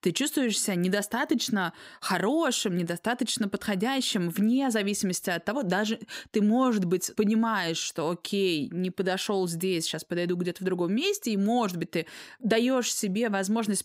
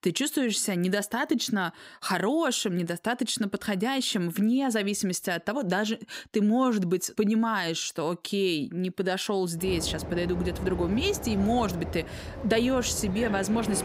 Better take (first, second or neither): first